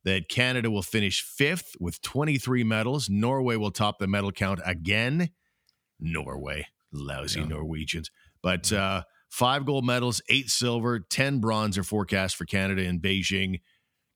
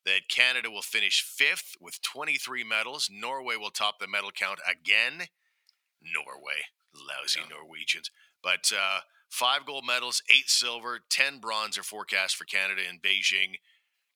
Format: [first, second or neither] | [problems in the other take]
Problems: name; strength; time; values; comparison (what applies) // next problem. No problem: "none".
first | thin; very; fading below 900 Hz